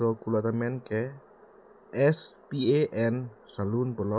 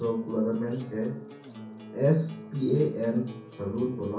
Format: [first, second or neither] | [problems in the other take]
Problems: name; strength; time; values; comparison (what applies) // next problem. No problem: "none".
first | background sound (Acoustic guitar); 16 dB below the speech // room echo; dies away in 0.6 s